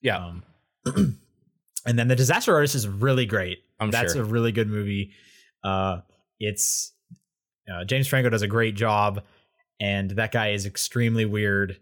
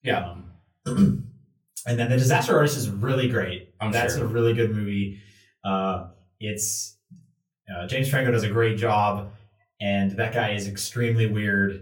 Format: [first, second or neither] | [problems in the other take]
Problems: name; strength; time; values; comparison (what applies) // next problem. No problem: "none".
first | off-mic speech; far // room echo; very slight; dies away in 0.3 s